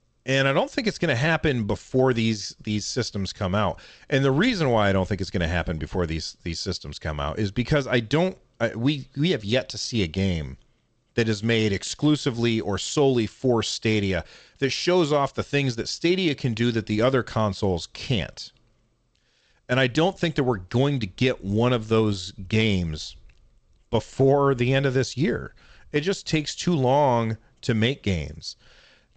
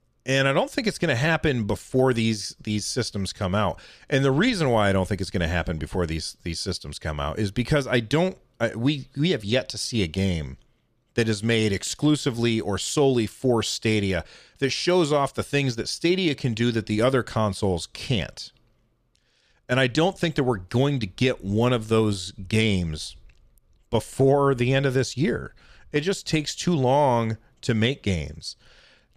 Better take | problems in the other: second | garbled, watery; slightly; nothing above 8 kHz

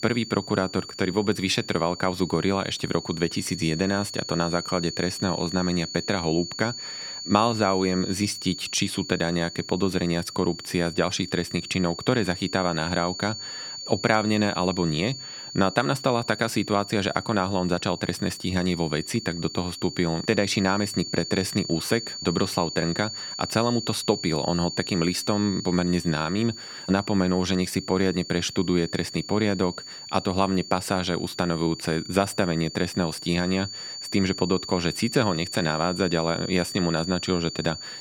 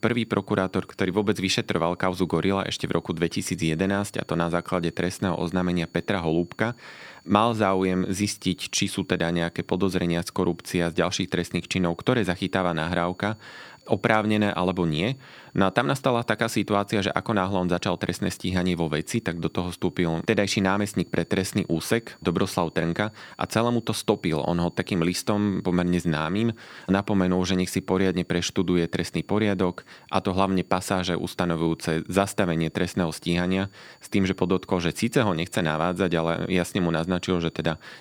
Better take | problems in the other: second | high-pitched whine; loud; throughout; 4.5 kHz, 9 dB below the speech; faint in the second

